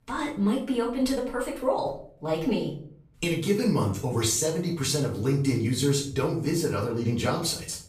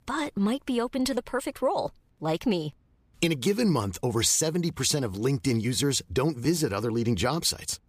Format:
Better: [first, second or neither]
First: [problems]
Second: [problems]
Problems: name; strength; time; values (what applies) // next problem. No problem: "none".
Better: second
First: off-mic speech; far // room echo; slight; dies away in 0.4 s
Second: none